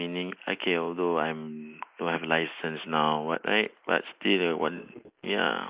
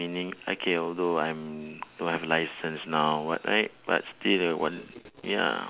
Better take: second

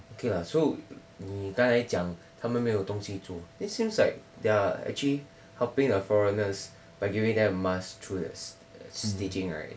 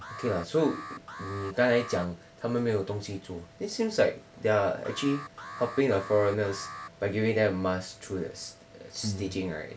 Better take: first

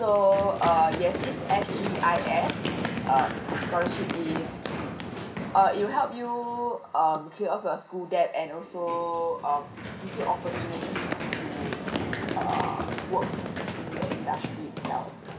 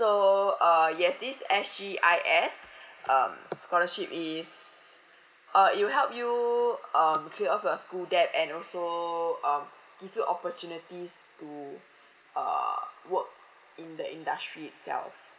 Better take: second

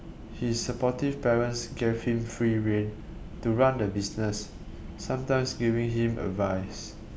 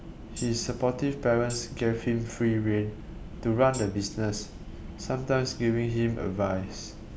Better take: first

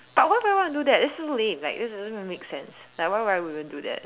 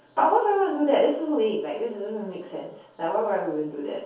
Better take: first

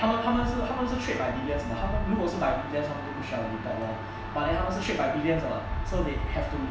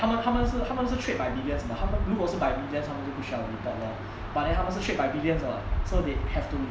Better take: second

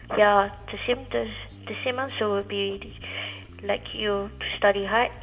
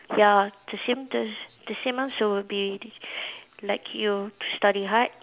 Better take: second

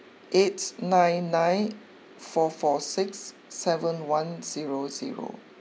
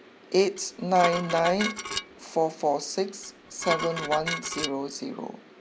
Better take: first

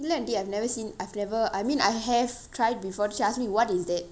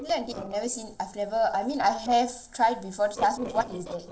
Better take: first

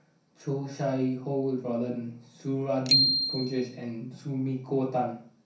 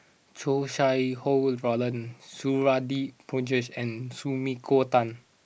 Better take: second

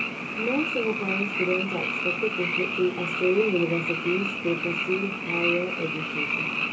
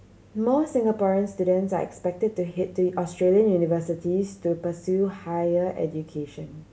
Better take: second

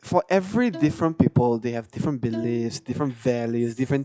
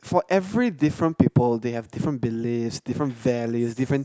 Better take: second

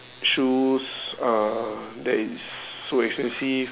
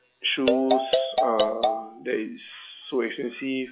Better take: first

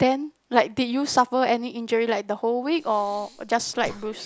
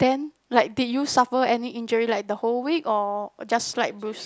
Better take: second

